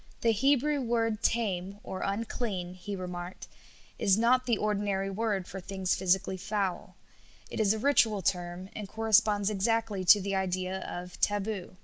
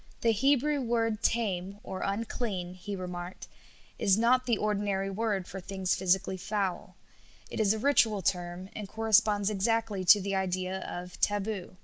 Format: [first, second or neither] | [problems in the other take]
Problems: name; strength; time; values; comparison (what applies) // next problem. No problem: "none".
first | noise reduction (neural mask model Resemble Enhance denoiser)